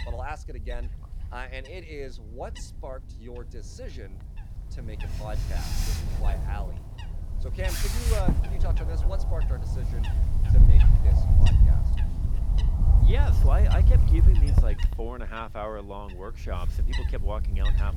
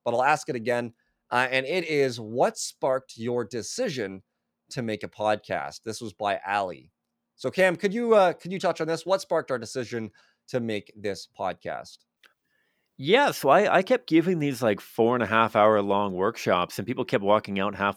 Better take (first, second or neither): second